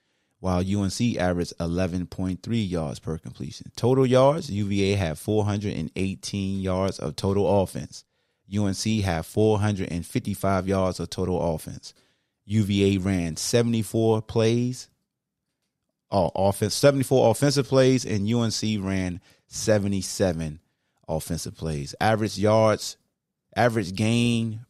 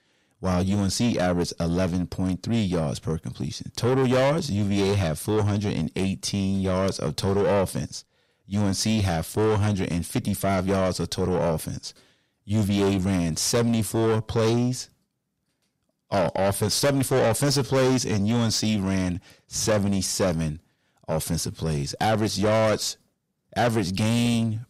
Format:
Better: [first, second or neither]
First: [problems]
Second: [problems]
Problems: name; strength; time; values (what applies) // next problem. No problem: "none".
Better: first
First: none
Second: distortion; heavy; 7 dB below the speech